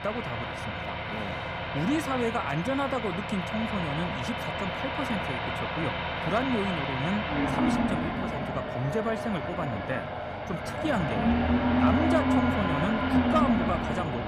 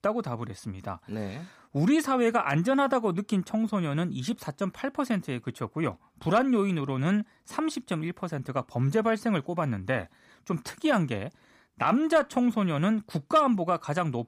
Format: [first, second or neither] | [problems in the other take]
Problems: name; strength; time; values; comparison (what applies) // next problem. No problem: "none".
second | traffic noise; very loud; throughout; 3 dB above the speech